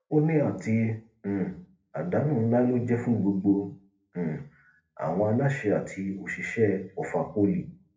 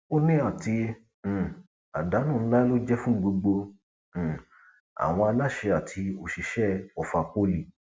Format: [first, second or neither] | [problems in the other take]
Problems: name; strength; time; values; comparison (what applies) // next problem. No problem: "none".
second | background sound (Telephone); 18 dB below the speech // room echo; dies away in 0.3 s